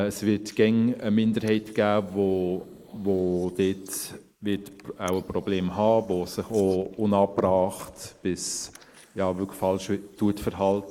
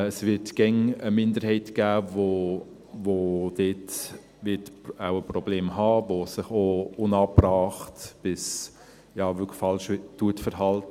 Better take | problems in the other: second | noise reduction (neural mask model Resemble Enhance denoiser)

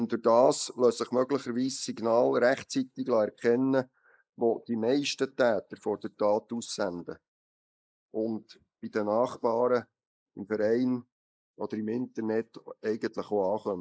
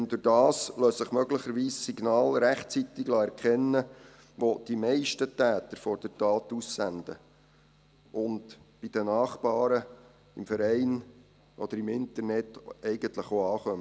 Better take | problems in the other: second | noise reduction (neural mask model Resemble Enhance denoiser)

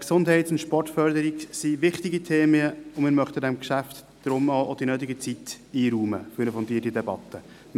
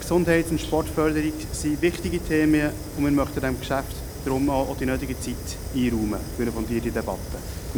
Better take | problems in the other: first | background sound (Fire); 8 dB below the speech

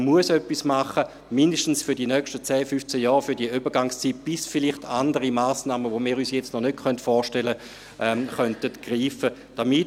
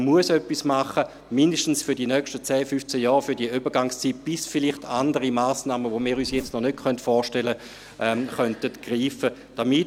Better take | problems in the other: first | background sound (Zipper (clothing)); 20 dB below the speech

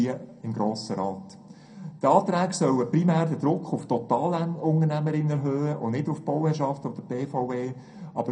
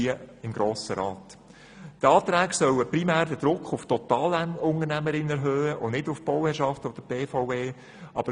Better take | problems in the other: second | room echo; dies away in 0.2 s

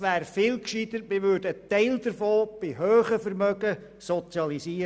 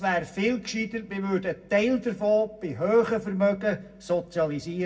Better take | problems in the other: first | room echo; dies away in 0.4 s

